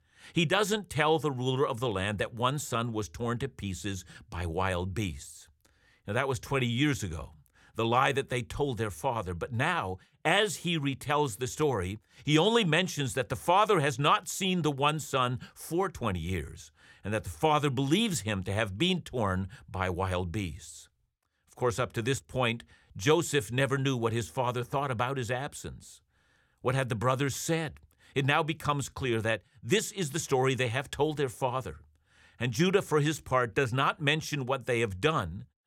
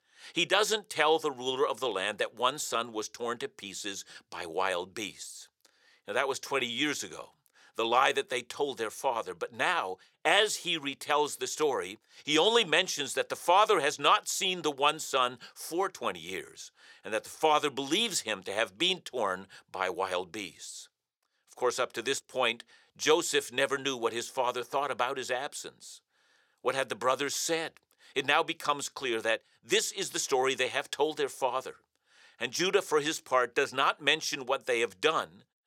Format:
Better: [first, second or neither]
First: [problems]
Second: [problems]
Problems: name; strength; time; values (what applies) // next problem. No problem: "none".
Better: first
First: none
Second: thin; somewhat; fading below 450 Hz